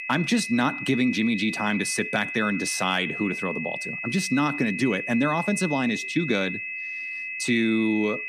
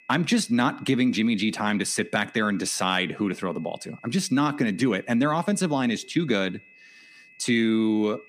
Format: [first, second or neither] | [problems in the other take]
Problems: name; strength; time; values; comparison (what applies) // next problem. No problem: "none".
second | high-pitched whine; loud; throughout; 2.5 kHz, 5 dB below the speech; faint in the second